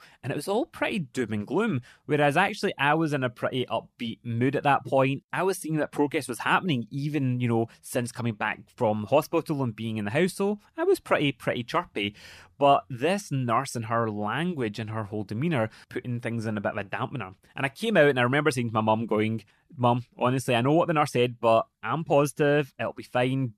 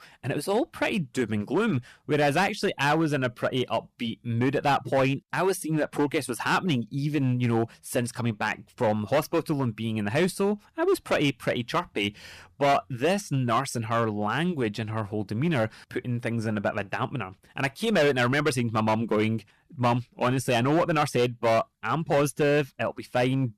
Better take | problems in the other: first | distortion; slight; 7% of the sound clipped

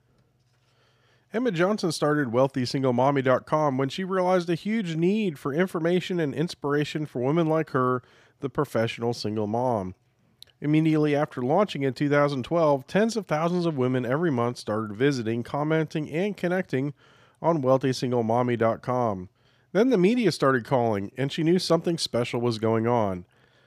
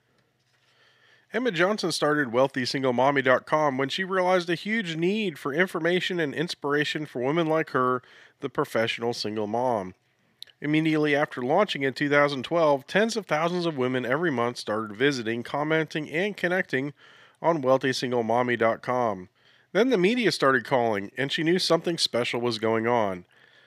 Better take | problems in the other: first | thin; very slightly; fading below 300 Hz

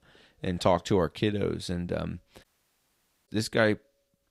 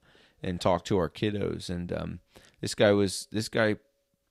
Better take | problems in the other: second | audio cutting out; at 2.5 s for 1 s

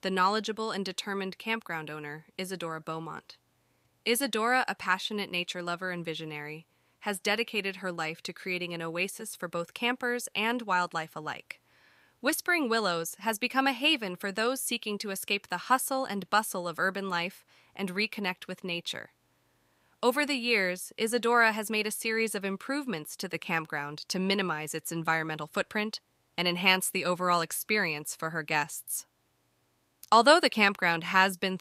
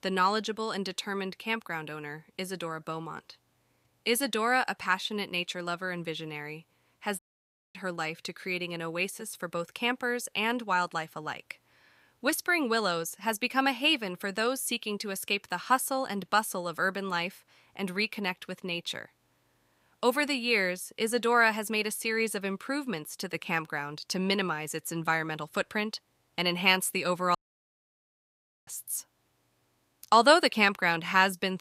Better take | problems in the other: first | audio cutting out; at 7 s for 0.5 s and at 27 s for 1.5 s

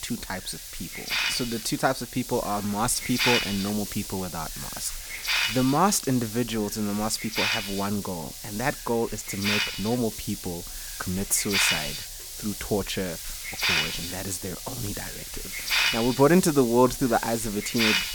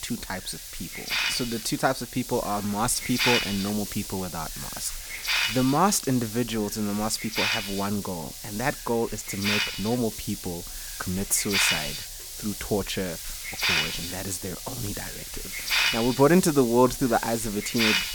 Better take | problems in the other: neither | hiss; loud; throughout; 2 dB below the speech; the same in both

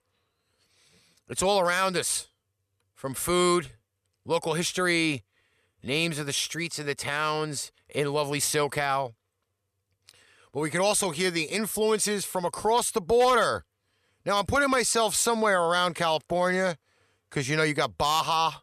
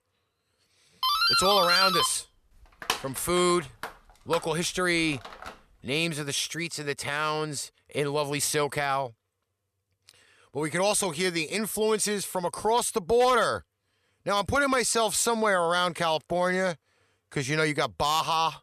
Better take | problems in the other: first | doorbell; loud; from 1 to 5.5 s; peak 5 dB above the speech

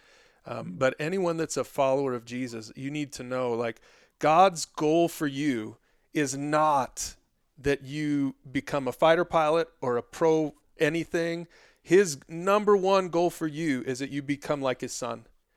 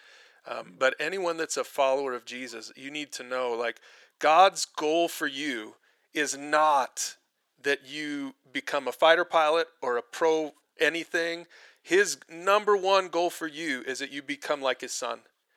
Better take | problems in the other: first | thin; somewhat; fading below 450 Hz

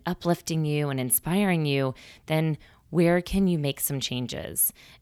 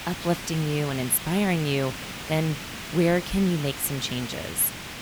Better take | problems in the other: first | hiss; loud; throughout; 9 dB below the speech

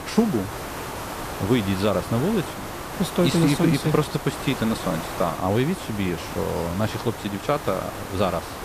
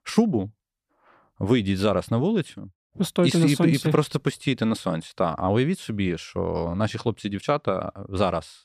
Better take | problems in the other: second | hiss; loud; throughout; 8 dB below the speech

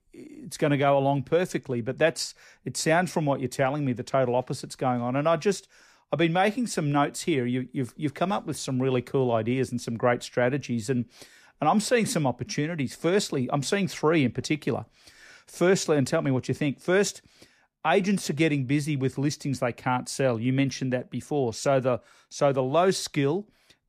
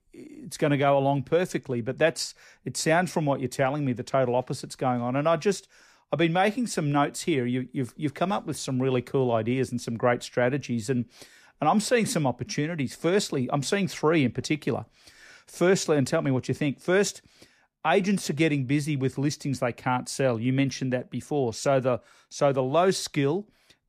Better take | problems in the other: neither | none

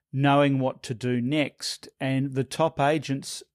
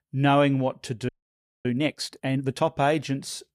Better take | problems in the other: first | audio freezing; at 1 s for 0.5 s

